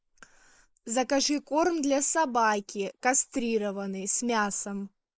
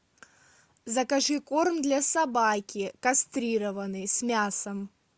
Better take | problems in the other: second | noise reduction (neural mask model Resemble Enhance denoiser)

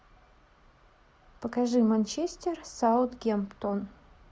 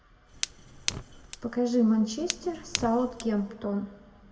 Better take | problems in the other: first | background sound (Fire); 9 dB below the speech // room echo; dies away in 0.9 s

